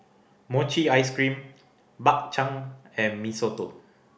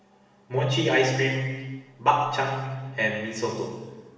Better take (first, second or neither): first